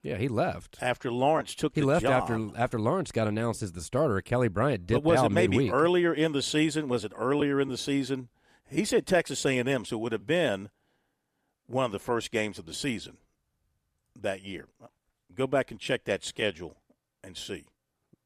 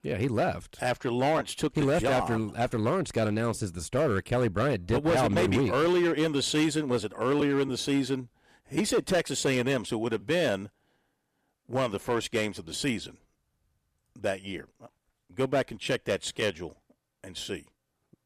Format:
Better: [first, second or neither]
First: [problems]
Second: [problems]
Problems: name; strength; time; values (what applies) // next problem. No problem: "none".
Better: first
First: none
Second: distortion; slight; 7% of the sound clipped